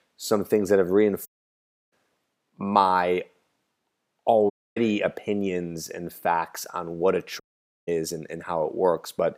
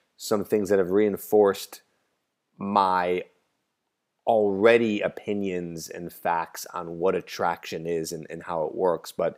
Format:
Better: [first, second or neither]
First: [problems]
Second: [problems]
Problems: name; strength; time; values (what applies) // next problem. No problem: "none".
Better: second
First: audio cutting out; at 1.5 s for 0.5 s, at 4.5 s and at 7.5 s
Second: none